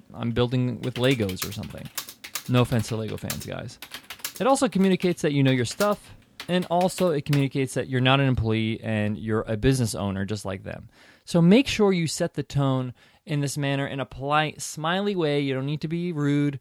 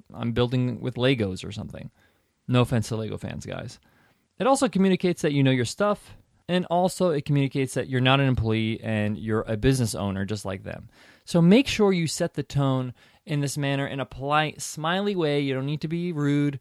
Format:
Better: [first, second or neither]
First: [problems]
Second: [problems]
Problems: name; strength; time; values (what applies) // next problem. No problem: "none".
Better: second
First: keyboard typing; noticeable; from 1 to 7.5 s; peak 9 dB below the speech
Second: none